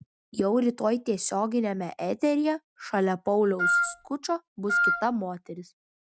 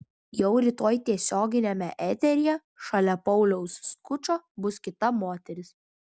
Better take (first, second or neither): second